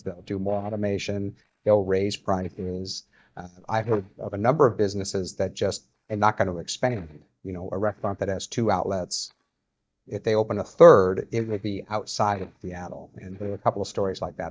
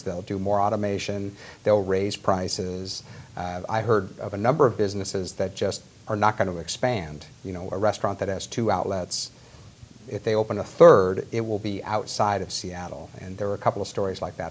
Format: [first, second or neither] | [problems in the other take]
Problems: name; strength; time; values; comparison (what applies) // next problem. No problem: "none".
second | noise reduction (neural mask model DeepFilterNet 3)